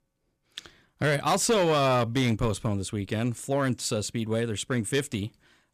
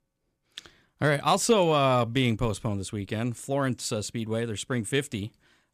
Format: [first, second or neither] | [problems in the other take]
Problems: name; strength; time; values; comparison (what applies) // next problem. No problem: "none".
second | distortion; slight; 5% of the sound clipped